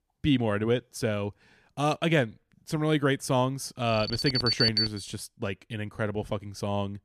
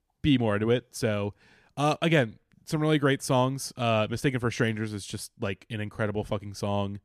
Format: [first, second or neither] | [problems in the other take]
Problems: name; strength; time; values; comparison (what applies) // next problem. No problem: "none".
second | alarm; loud; from 4 to 5 s; peak 5 dB above the speech